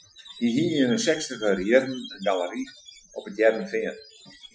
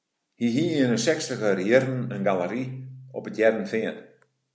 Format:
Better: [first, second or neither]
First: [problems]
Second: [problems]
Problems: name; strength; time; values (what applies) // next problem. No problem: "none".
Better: second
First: noise reduction (classical method Wiener filter)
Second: none